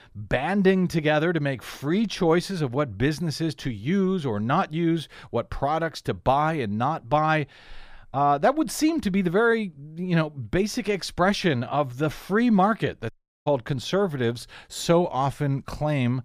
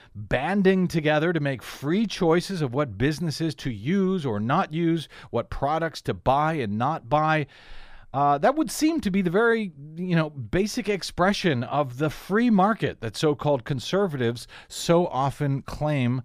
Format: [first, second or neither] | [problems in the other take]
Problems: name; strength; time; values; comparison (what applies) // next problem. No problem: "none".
second | audio cutting out; at 13 s